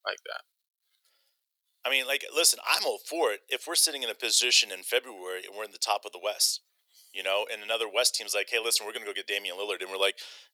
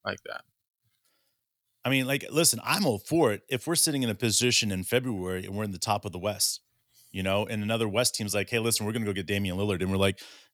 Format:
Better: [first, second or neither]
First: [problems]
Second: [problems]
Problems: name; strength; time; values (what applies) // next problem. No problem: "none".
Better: second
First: thin; very; fading below 450 Hz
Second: none